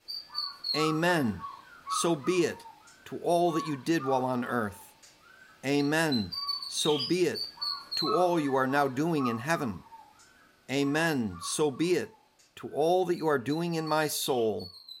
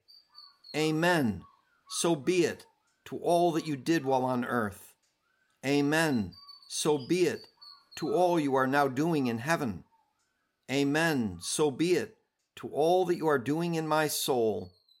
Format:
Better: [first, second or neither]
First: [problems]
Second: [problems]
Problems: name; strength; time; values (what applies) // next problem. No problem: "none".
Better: second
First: animal sounds; loud; throughout; 7 dB below the speech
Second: animal sounds; faint; throughout; 25 dB below the speech